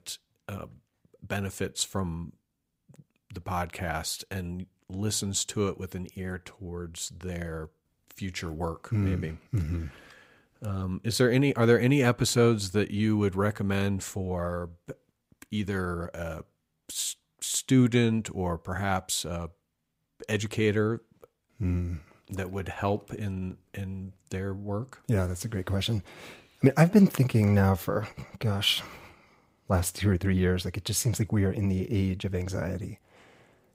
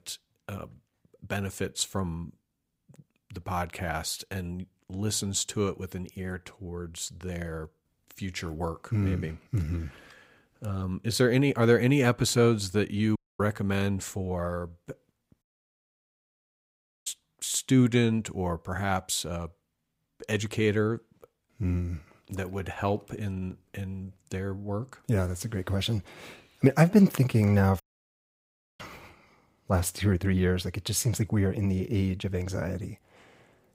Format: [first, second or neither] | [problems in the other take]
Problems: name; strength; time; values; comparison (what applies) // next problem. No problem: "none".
first | audio cutting out; at 13 s, at 15 s for 1.5 s and at 28 s for 1 s